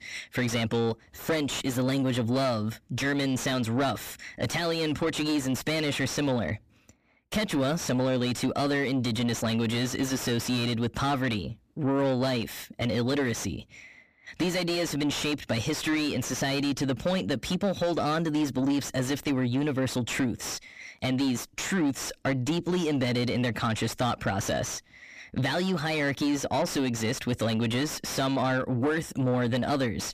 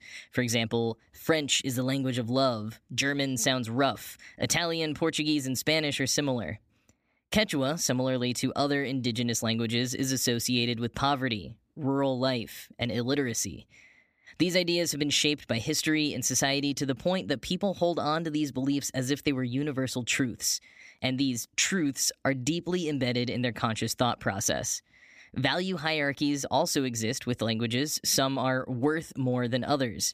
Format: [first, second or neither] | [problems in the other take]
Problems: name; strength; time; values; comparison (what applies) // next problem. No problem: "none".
second | distortion; heavy; 6 dB below the speech